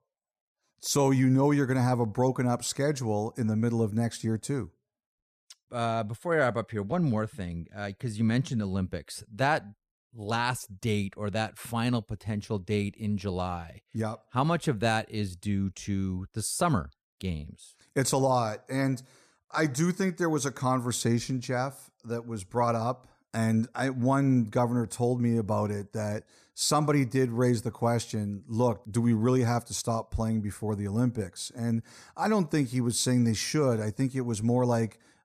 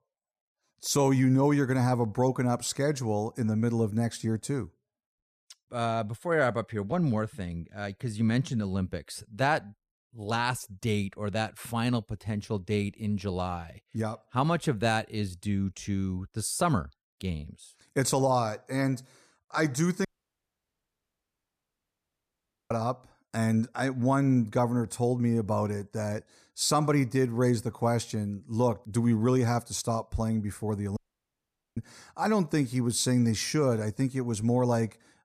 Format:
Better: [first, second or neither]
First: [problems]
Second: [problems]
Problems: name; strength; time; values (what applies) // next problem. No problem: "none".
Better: first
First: none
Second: audio cutting out; at 20 s for 2.5 s and at 31 s for 1 s